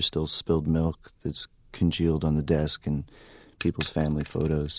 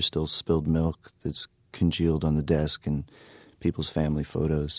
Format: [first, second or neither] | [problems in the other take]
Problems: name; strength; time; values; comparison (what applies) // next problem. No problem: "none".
second | noise reduction (neural mask model Resemble Enhance denoiser)